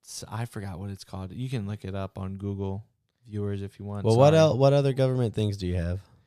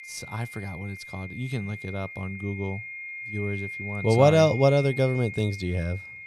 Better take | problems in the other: first | high-pitched whine; noticeable; throughout; 2 kHz, 10 dB below the speech

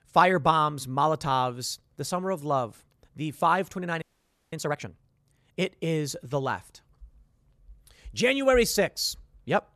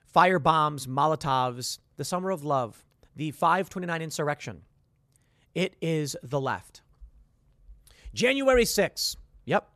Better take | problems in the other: second | audio freezing; at 4 s for 0.5 s

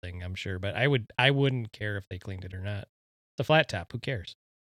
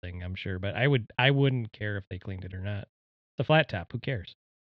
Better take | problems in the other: first | muffled; slightly; fading above 3.5 kHz

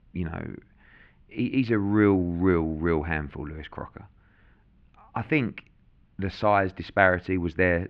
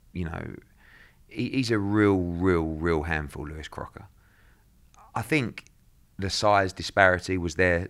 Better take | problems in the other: second | muffled; very; fading above 3 kHz

